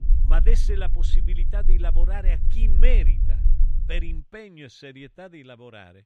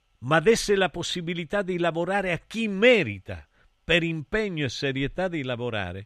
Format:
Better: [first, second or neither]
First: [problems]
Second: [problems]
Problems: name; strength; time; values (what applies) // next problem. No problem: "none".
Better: second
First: low rumble; noticeable; until 4 s; 10 dB below the speech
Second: none